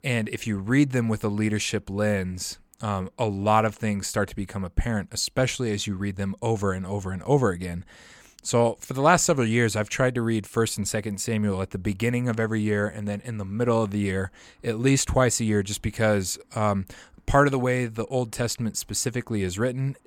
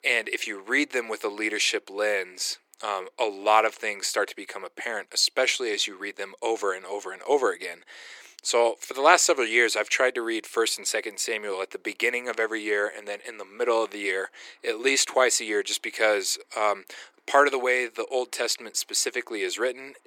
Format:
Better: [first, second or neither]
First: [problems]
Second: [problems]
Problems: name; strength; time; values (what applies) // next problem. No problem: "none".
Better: first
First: none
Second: thin; very; fading below 350 Hz